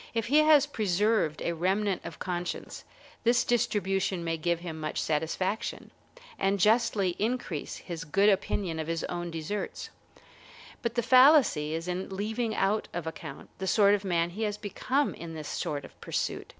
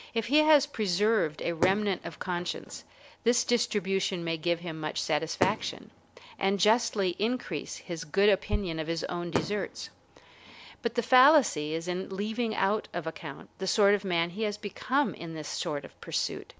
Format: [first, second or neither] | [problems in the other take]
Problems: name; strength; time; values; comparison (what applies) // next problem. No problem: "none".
first | background sound (Fireworks); 12 dB below the speech